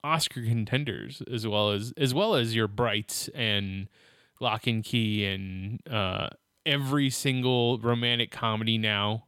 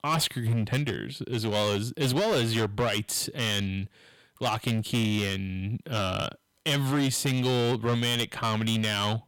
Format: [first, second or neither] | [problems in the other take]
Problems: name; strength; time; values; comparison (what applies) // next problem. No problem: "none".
first | distortion; heavy; 12% of the sound clipped